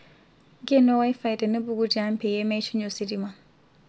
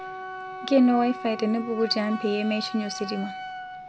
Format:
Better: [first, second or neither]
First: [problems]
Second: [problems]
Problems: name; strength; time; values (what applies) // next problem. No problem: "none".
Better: first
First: none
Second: background sound (Wind instrument, woodwind instrument); 11 dB below the speech